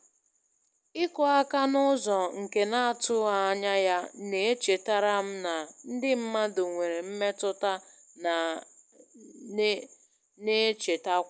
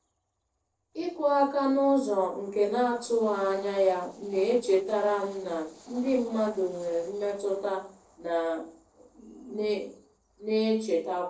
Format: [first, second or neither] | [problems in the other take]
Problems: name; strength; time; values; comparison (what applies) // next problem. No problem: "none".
first | noise reduction (neural separator model SepFormer DNS4)